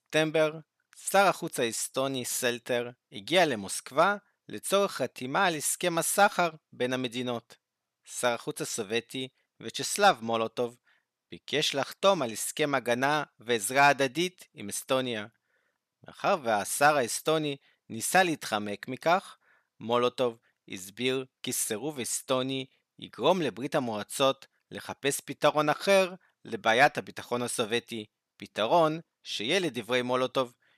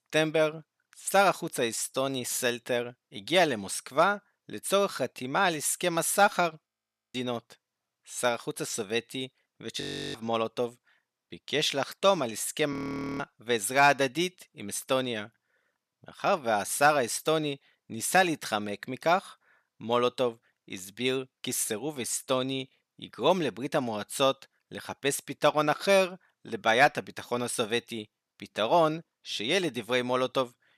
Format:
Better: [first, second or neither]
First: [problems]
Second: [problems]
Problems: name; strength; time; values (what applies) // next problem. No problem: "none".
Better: first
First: none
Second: audio freezing; at 6.5 s, at 10 s and at 13 s